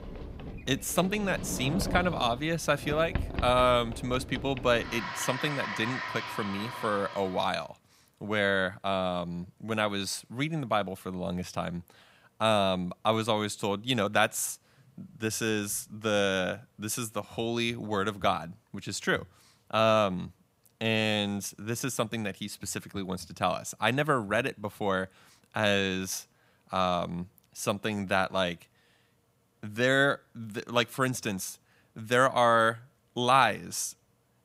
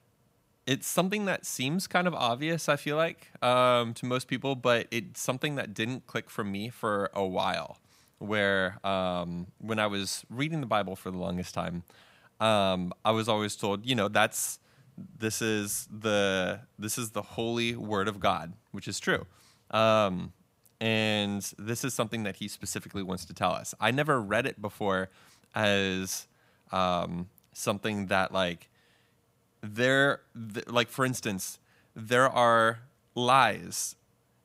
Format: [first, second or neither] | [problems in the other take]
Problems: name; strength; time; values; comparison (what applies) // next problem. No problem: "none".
second | household noises; loud; until 7 s; 8 dB below the speech